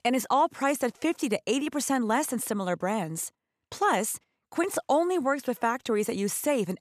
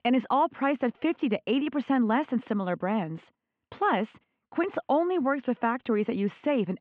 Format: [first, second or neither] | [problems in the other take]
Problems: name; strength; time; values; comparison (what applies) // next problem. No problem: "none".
first | muffled; very; fading above 3 kHz